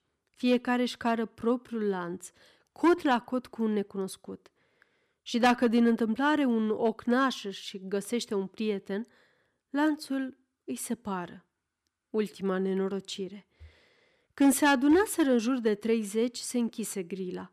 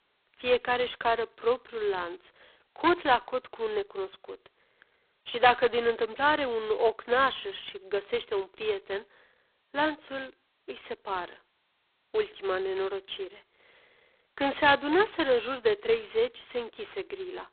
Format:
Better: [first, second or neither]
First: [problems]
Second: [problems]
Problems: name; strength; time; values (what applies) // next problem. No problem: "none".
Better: first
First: none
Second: phone-call audio; poor line; nothing above 4 kHz